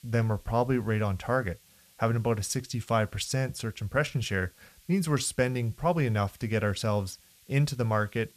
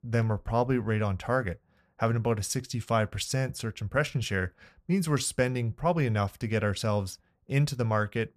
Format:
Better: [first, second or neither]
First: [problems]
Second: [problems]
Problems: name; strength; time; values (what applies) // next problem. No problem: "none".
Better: second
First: hiss; faint; throughout; 30 dB below the speech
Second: none